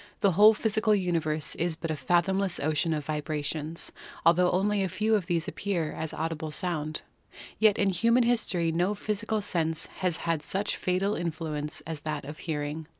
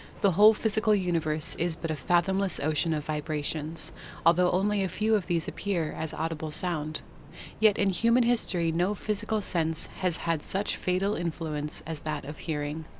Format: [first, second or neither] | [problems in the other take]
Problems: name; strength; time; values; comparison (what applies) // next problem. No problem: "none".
first | background sound (Train); 18 dB below the speech